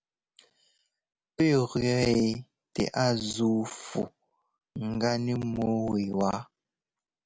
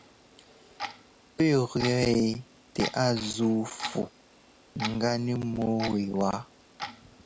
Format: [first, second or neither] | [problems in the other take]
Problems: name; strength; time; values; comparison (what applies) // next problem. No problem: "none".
first | background sound (Clock); 13 dB below the speech